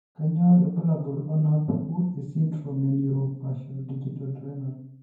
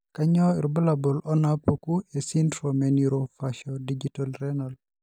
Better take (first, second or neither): second